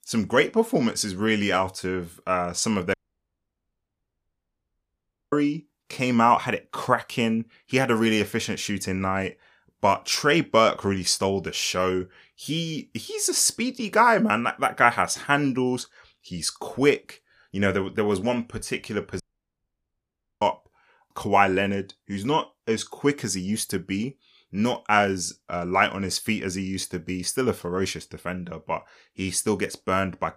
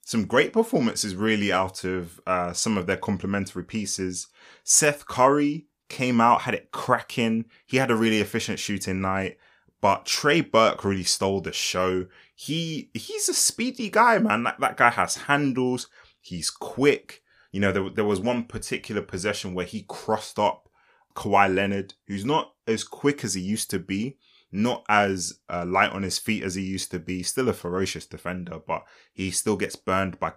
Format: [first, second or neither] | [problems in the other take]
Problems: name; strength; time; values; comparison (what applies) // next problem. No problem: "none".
second | audio cutting out; at 3 s for 2.5 s and at 19 s for 1 s